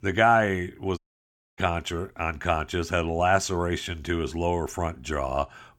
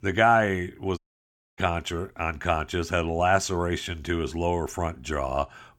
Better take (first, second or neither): neither